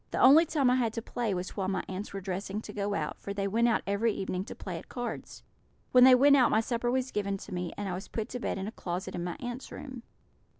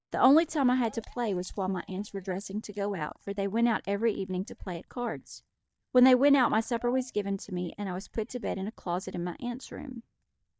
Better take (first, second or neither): first